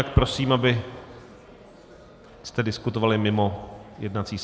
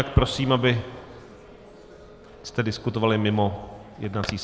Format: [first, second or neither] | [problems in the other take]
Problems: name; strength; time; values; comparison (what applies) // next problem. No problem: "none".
first | background sound (Telephone); 19 dB below the speech